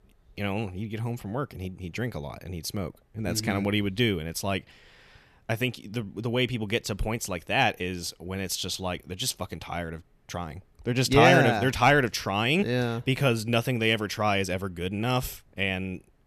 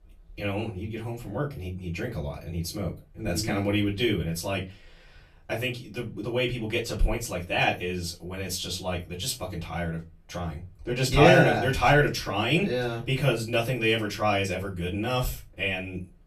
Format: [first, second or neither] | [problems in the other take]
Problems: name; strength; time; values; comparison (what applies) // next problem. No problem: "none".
first | off-mic speech; far // room echo; very slight; dies away in 0.2 s